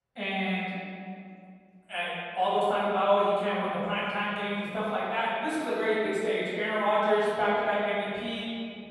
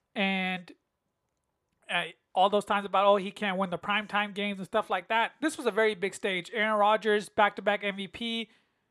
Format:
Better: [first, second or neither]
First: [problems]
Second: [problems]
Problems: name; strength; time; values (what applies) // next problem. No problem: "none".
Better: second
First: room echo; strong; dies away in 2.3 s // off-mic speech; far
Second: none